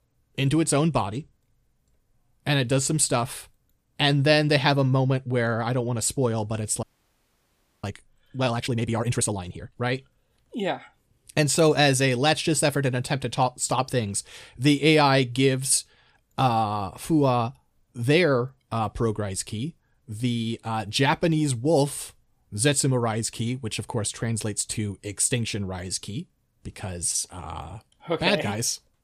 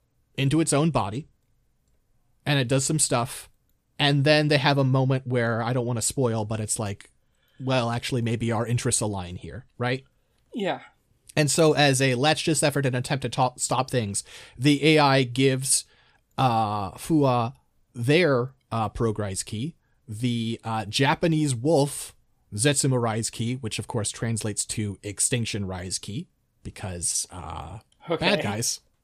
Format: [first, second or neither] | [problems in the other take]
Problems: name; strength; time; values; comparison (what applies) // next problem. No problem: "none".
second | audio freezing; at 7 s for 1 s